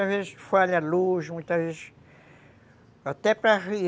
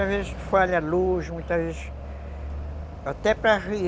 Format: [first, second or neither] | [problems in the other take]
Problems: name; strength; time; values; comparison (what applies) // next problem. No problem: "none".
first | background sound (Alarm / Truck); 9 dB below the speech